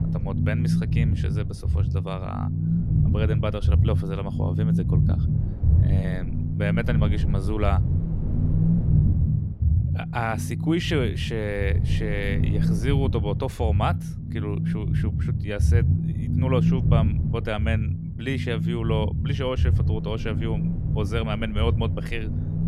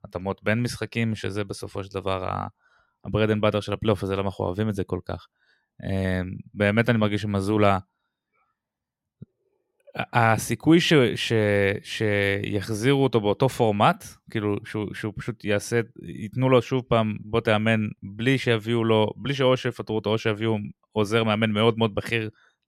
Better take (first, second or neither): second